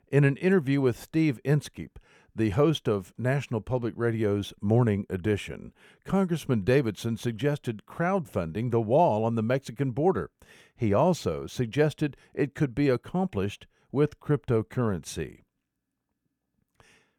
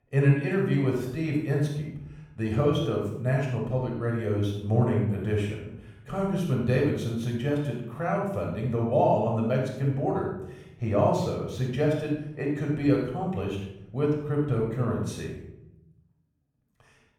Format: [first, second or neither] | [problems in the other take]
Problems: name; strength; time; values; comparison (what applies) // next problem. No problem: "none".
first | off-mic speech; far // room echo; noticeable; dies away in 0.7 s